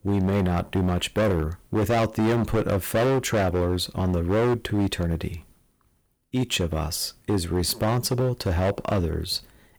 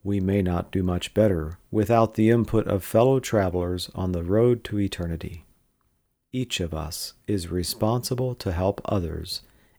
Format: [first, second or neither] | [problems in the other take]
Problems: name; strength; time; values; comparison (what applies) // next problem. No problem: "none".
second | distortion; heavy; 14% of the sound clipped